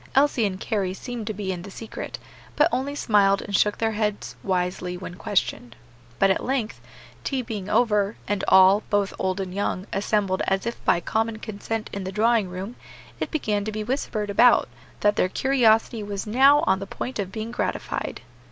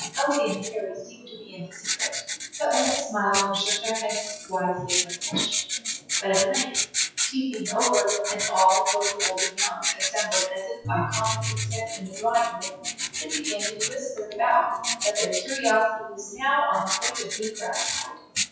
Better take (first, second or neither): first